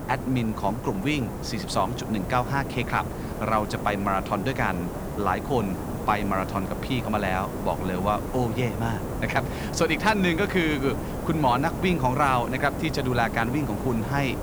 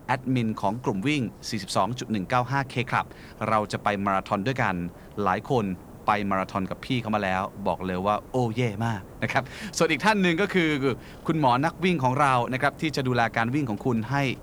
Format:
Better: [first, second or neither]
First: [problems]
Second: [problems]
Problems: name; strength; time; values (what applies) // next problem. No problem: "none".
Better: second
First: hiss; loud; throughout; 6 dB below the speech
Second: hiss; faint; throughout; 20 dB below the speech